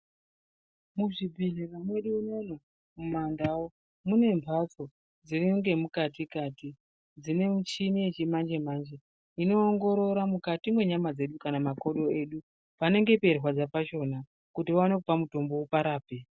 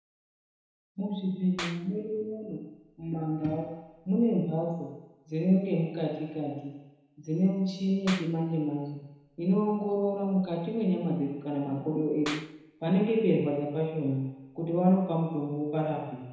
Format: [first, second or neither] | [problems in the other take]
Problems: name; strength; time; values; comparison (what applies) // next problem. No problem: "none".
first | background sound (Clapping); 18 dB below the speech // room echo; dies away in 1 s